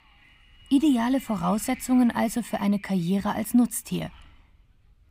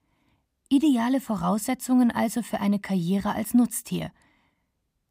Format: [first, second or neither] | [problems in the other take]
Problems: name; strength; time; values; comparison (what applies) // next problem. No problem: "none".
second | wind noise on the microphone; occasional gusts; 20 dB below the speech